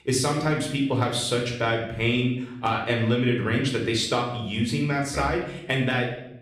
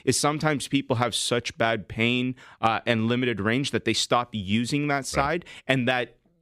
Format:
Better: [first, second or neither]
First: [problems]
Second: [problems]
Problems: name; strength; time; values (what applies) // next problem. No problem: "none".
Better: second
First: room echo; noticeable; dies away in 0.7 s // off-mic speech; somewhat distant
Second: none